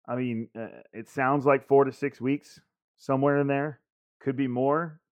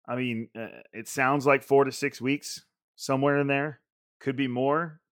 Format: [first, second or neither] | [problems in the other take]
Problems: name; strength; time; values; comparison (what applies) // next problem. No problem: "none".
second | muffled; very; fading above 2.5 kHz